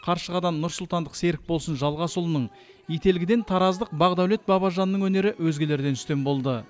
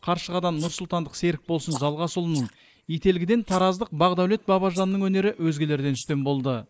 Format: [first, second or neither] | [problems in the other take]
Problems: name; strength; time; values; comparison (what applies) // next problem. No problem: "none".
first | noise reduction (neural mask model Resemble Enhance denoiser)